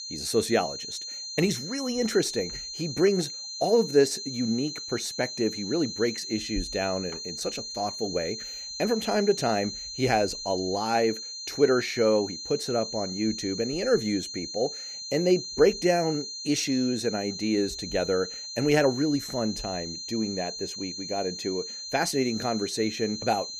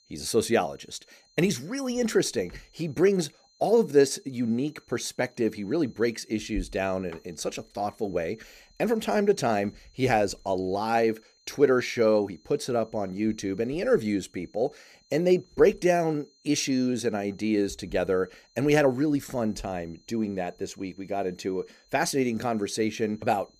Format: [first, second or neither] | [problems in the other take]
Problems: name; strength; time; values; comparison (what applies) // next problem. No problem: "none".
second | high-pitched whine; loud; throughout; 4 kHz, 7 dB below the speech; faint in the second